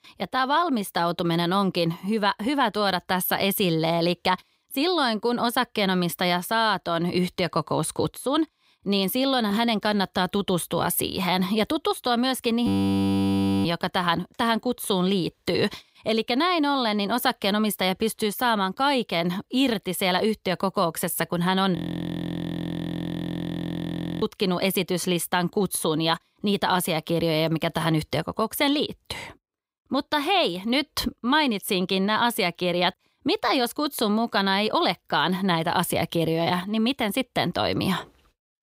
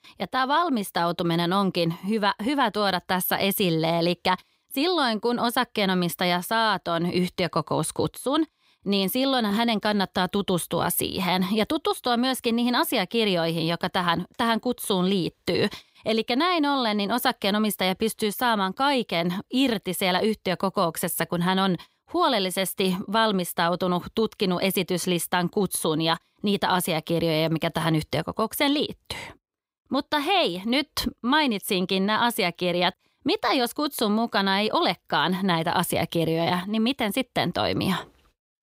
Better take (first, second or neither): second